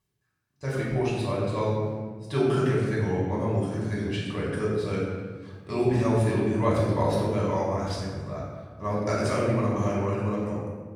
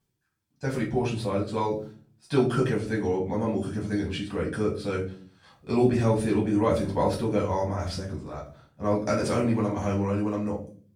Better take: second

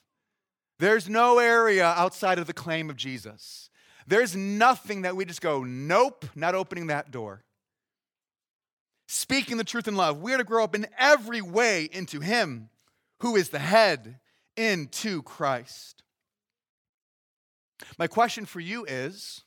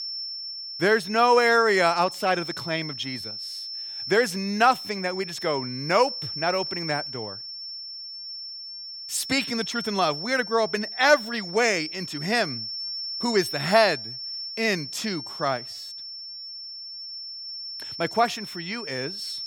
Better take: first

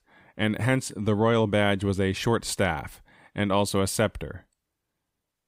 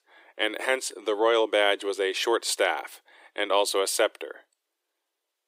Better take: first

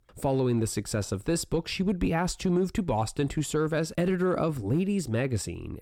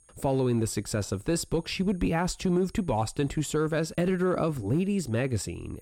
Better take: first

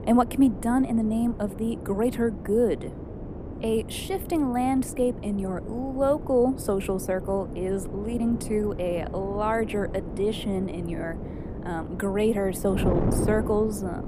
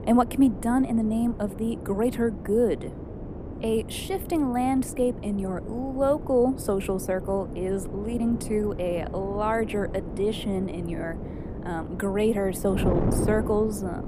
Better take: neither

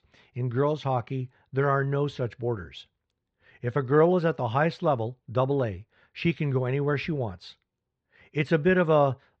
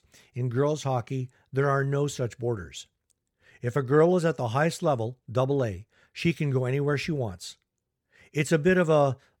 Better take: second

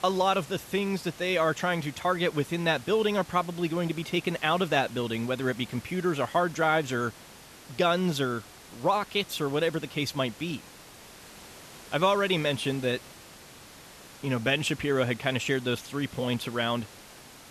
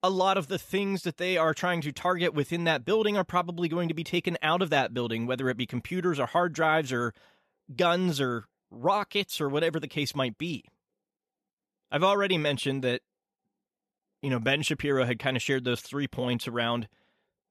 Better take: second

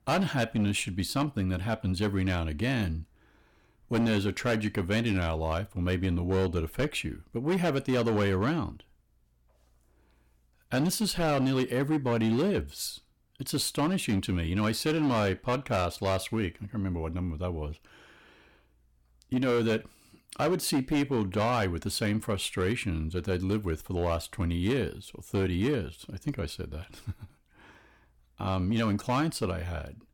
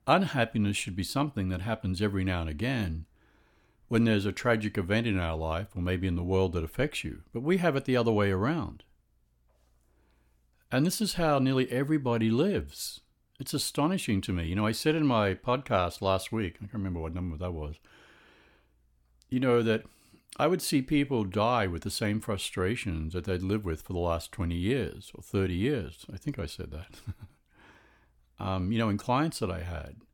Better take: second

